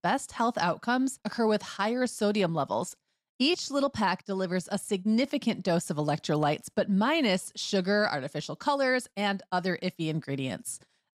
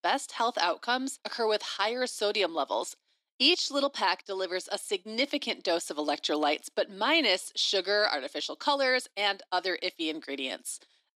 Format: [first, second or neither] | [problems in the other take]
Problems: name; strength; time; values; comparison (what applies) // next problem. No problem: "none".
first | thin; somewhat; fading below 300 Hz